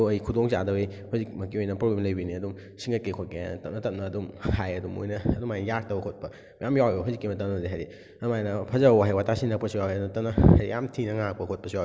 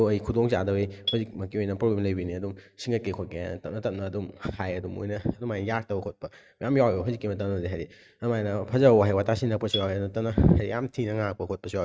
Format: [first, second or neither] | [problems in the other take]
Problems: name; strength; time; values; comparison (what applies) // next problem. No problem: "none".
first | noise reduction (neural mask model RNNoise)